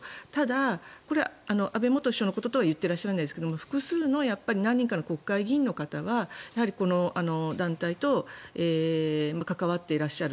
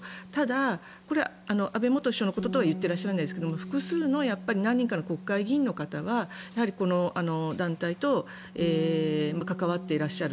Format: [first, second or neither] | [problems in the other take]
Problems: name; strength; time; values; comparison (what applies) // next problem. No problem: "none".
first | background sound (Bass guitar); 12 dB below the speech